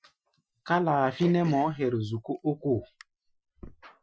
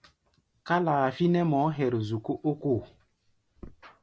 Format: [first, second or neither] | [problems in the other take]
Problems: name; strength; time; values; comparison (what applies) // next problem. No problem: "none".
second | noise reduction (classical method Wiener filter)